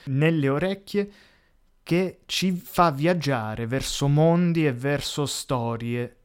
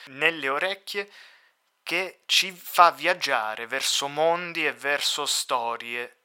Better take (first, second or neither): first